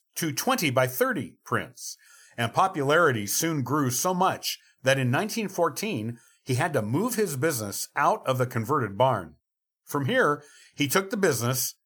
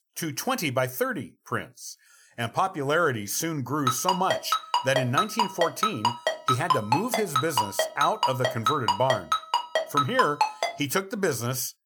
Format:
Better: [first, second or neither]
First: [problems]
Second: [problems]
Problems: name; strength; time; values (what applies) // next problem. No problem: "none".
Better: first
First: none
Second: phone ringing; loud; from 4 to 11 s; peak 3 dB above the speech